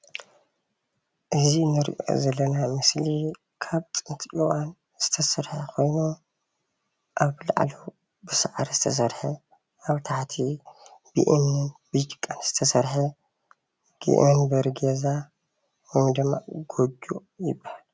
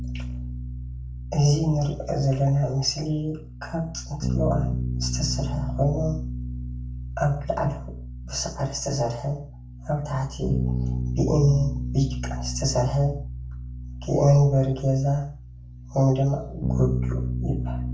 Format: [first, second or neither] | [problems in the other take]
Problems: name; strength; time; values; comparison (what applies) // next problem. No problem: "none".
first | background sound (Bass guitar); 5 dB below the speech // room echo; dies away in 0.4 s